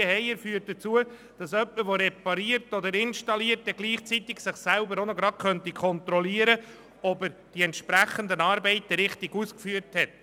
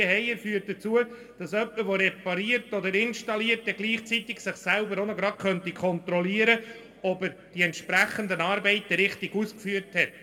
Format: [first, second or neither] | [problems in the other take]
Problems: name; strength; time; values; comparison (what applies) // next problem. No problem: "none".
first | room echo; dies away in 1 s